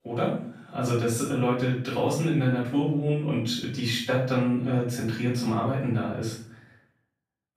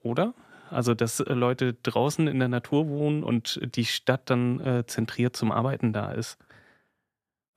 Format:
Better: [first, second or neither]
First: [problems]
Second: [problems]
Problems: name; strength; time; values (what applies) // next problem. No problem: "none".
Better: second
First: off-mic speech; far // room echo; noticeable; dies away in 0.5 s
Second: none